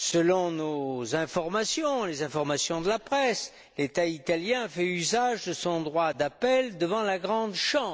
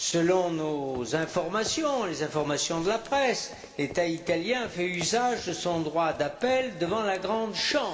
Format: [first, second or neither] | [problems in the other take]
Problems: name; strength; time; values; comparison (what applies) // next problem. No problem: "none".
first | background sound (Run); 20 dB below the speech // room echo; dies away in 1.7 s